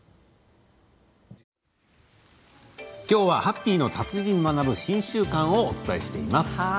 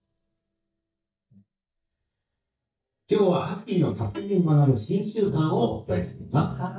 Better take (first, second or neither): first